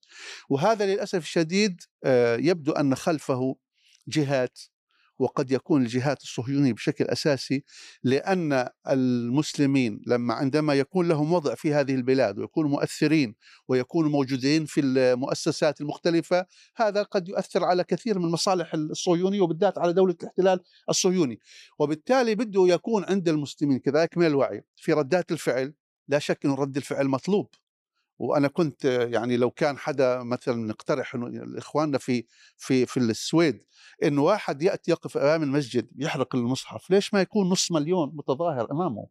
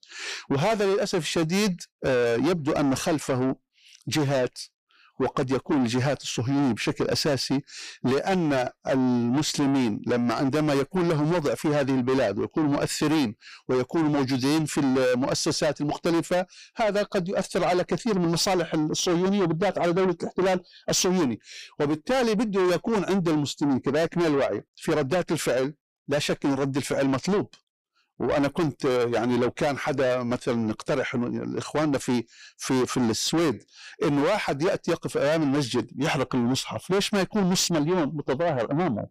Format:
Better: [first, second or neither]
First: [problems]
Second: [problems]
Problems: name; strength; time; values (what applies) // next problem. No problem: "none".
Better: first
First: none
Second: distortion; heavy; 6 dB below the speech